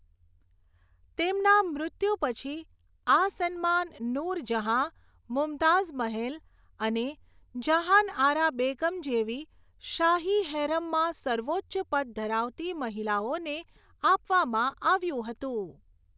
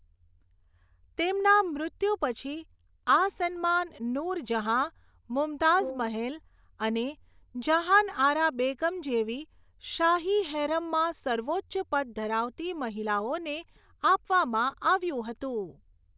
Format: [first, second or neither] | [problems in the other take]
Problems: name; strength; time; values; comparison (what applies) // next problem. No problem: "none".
first | background sound (Brass instrument); 15 dB below the speech